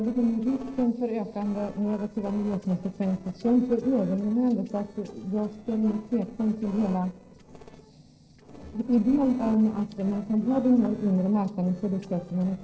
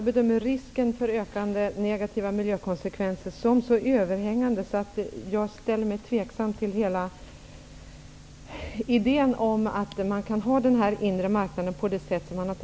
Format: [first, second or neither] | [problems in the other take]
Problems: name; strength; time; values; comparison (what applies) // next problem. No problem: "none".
second | noise reduction (neural separator model SepFormer DNS4)